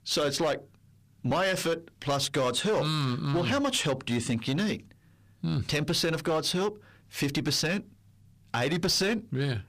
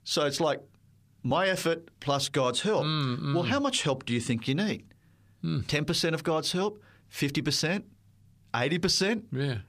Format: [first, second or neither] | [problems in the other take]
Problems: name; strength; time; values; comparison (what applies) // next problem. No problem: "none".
second | distortion; slight; 9% of the sound clipped